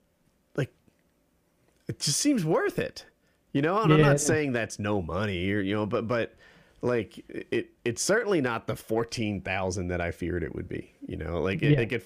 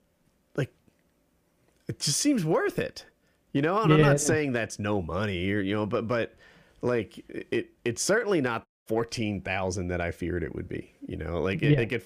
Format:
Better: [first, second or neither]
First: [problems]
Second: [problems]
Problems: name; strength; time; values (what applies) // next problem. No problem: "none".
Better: first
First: none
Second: audio cutting out; at 8.5 s